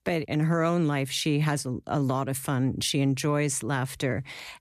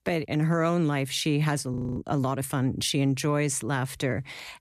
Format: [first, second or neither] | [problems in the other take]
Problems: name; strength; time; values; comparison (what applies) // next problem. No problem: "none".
first | audio freezing; at 1.5 s